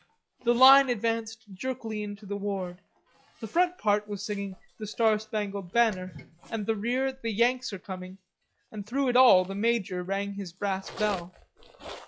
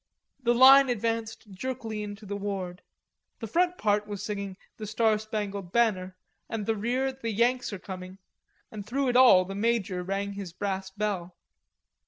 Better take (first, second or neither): second